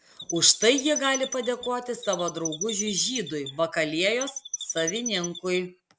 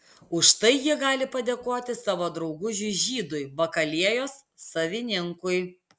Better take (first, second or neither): second